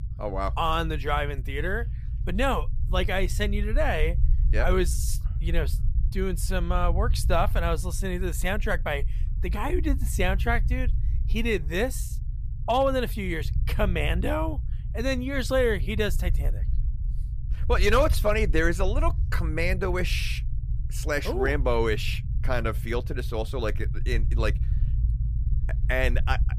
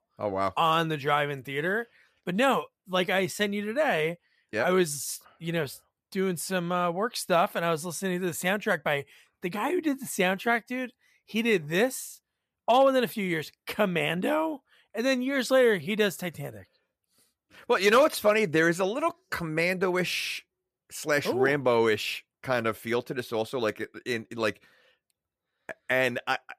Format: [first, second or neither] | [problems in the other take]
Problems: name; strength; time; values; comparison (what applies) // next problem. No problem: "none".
second | low rumble; noticeable; throughout; 20 dB below the speech